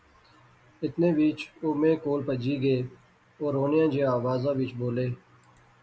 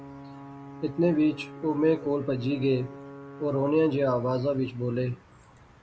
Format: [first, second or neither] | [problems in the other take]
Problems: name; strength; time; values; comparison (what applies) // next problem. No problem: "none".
first | background sound (Alarm / Ocean / Boat, Water vehicle); 17 dB below the speech